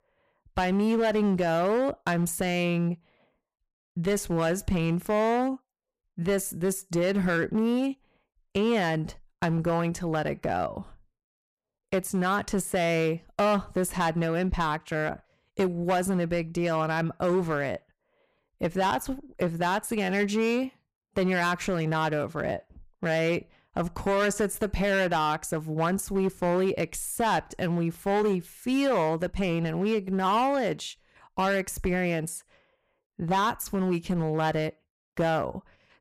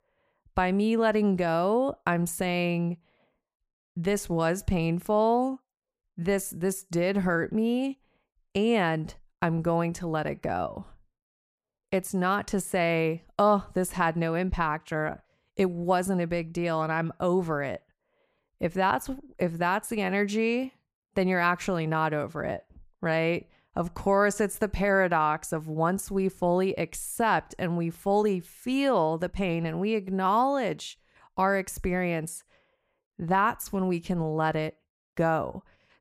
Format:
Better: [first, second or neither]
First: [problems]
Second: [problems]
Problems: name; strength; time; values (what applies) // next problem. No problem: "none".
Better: second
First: distortion; slight; 7% of the sound clipped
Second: none